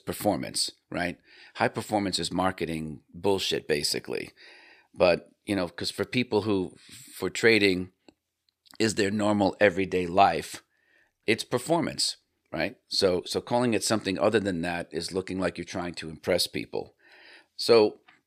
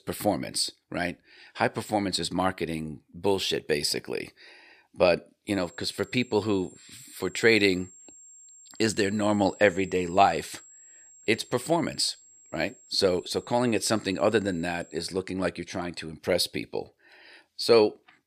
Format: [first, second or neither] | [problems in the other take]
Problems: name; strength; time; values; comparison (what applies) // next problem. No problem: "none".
first | high-pitched whine; faint; from 5.5 to 15 s; 7.5 kHz, 25 dB below the speech